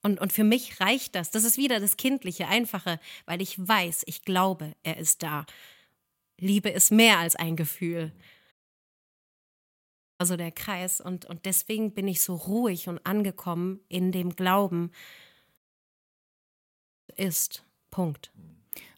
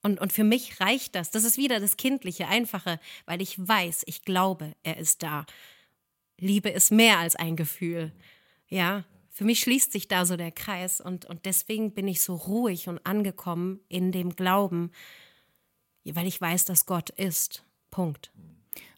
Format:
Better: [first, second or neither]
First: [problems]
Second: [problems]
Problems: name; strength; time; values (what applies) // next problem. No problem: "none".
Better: second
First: audio cutting out; at 8.5 s for 1.5 s and at 16 s for 1.5 s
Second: none